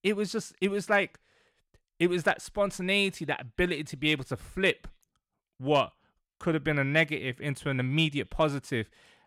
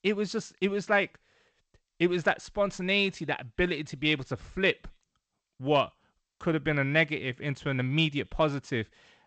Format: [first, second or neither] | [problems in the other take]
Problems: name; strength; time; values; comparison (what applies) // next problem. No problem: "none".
first | garbled, watery; slightly; nothing above 8 kHz